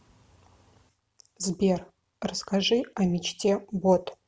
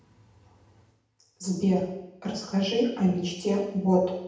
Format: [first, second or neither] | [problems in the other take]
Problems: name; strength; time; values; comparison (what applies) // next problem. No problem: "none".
first | room echo; dies away in 0.8 s